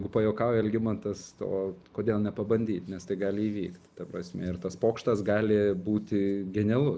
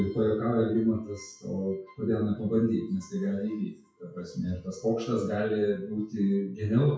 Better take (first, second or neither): first